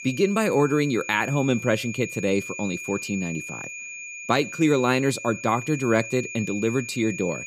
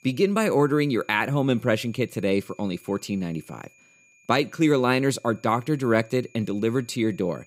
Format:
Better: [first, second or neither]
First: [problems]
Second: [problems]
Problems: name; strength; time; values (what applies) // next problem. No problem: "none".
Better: second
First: high-pitched whine; loud; throughout; 2.5 kHz, 10 dB below the speech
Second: high-pitched whine; faint; throughout; 2.5 kHz, 30 dB below the speech